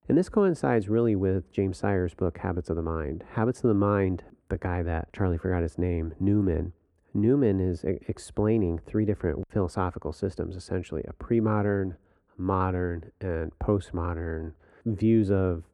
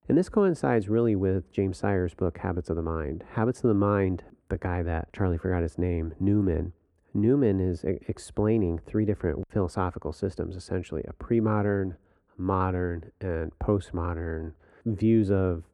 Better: neither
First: muffled; slightly; fading above 3.5 kHz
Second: muffled; slightly; fading above 3.5 kHz

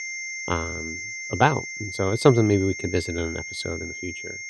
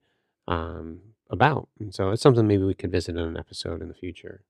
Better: second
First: high-pitched whine; loud; throughout; 2 kHz, 8 dB below the speech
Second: none

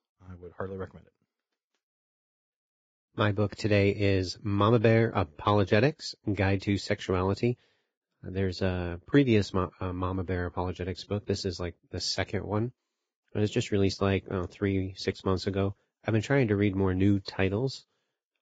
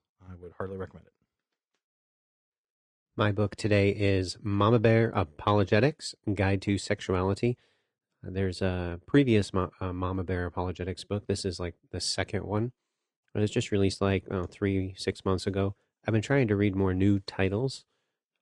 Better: second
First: garbled, watery; badly; nothing above 7.5 kHz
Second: garbled, watery; slightly

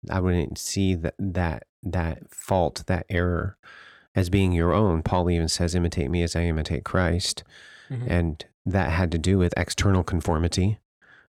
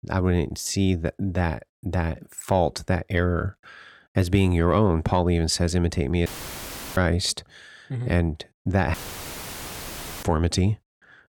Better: first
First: none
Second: audio cutting out; filled with static; at 6.5 s for 0.5 s and at 9 s for 1.5 s

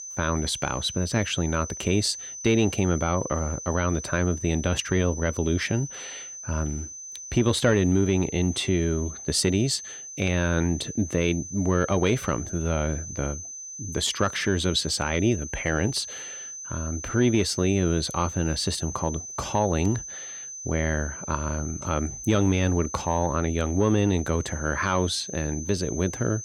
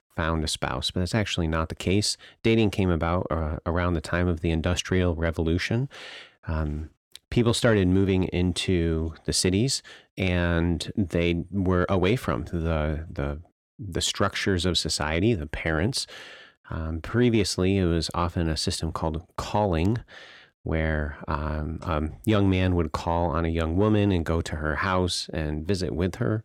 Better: second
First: high-pitched whine; loud; throughout; 6 kHz, 10 dB below the speech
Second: none

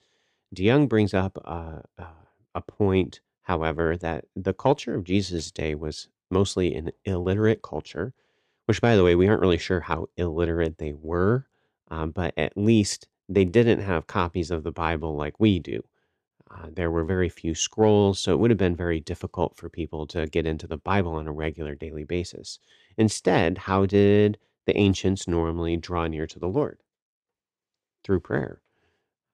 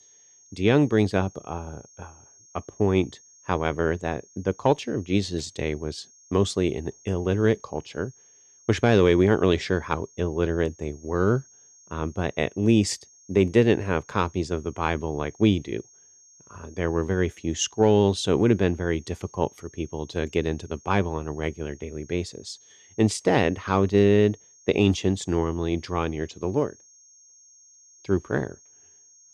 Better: first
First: none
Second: high-pitched whine; faint; throughout; 6.5 kHz, 25 dB below the speech

